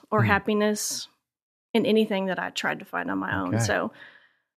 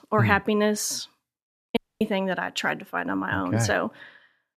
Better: first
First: none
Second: audio cutting out; at 2 s

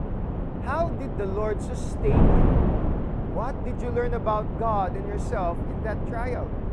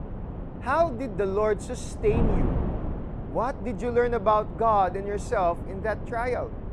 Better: second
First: wind noise on the microphone; heavy; 4 dB below the speech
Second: wind noise on the microphone; occasional gusts; 15 dB below the speech

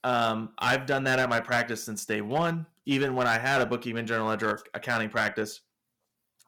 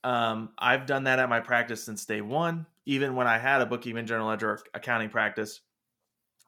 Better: second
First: distortion; slight; 6% of the sound clipped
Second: none

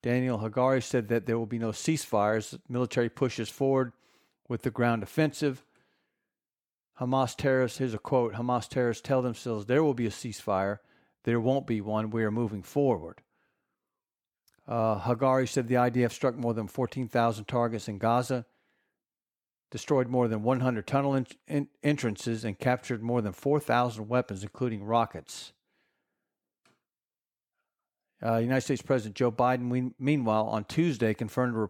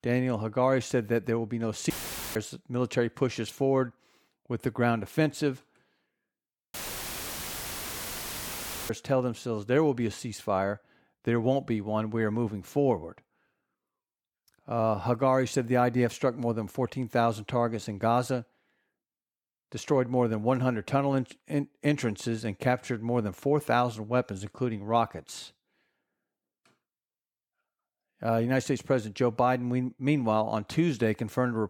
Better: first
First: none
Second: audio cutting out; filled with static; at 2 s and at 6.5 s for 2 s

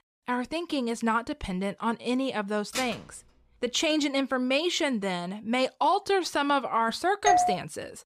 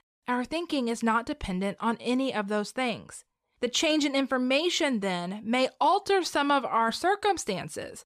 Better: second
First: clattering dishes; noticeable; at 2.5 s; peak 7 dB below the speech // doorbell; loud; at 7.5 s; peak 4 dB above the speech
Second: none

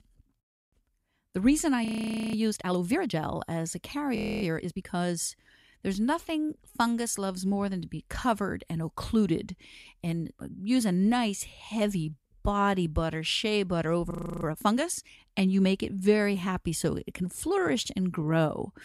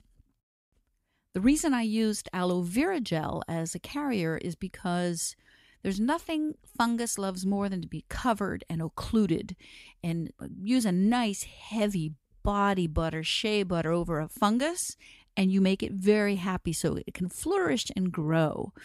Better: second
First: audio freezing; at 2 s, at 4 s and at 14 s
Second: none

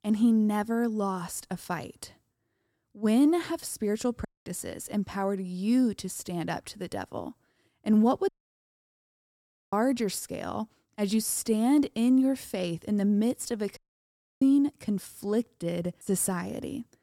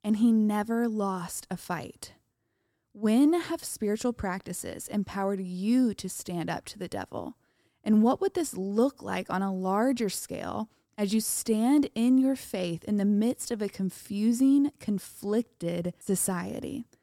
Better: second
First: audio cutting out; at 4.5 s, at 8.5 s for 1.5 s and at 14 s for 0.5 s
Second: none

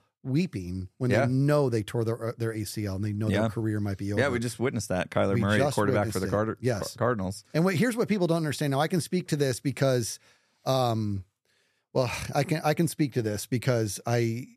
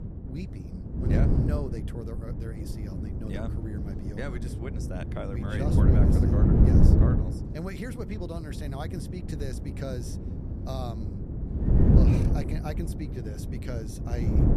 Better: first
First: none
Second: wind noise on the microphone; heavy; 3 dB above the speech

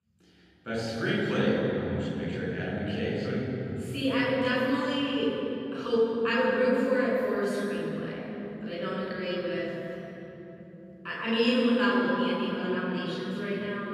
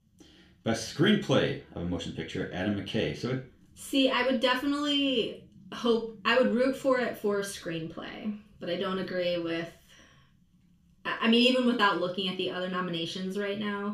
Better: second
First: room echo; strong; dies away in 3 s // off-mic speech; far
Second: room echo; slight; dies away in 0.3 s // off-mic speech; far

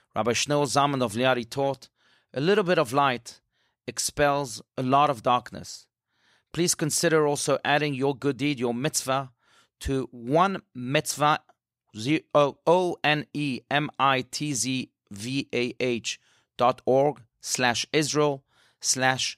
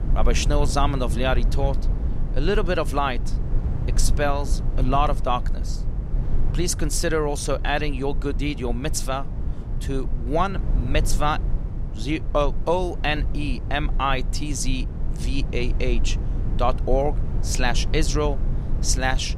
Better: first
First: none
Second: low rumble; noticeable; throughout; 15 dB below the speech

